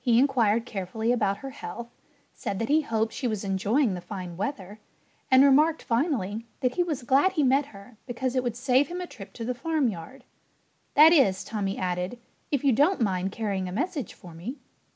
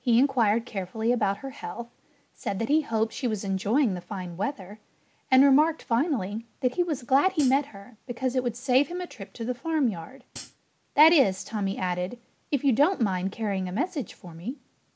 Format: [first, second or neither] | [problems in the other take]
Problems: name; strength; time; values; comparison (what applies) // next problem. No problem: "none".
first | background sound (Hi-hat); 17 dB below the speech